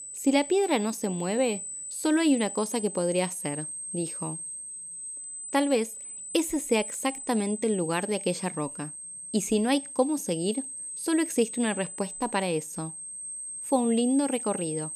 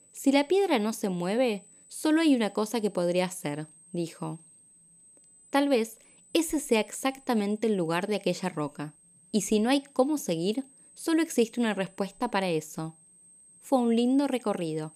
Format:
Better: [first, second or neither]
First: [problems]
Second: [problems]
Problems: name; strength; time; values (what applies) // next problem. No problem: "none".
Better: second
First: high-pitched whine; loud; throughout; 8.5 kHz, 8 dB below the speech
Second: high-pitched whine; faint; throughout; 8.5 kHz, 25 dB below the speech